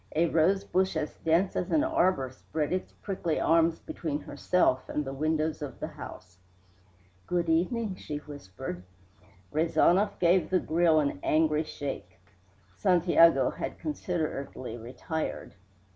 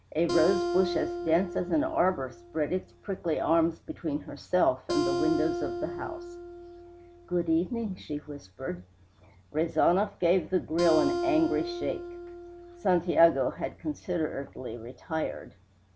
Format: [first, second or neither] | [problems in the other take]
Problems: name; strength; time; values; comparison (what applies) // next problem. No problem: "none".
first | background sound (Acoustic guitar); 6 dB below the speech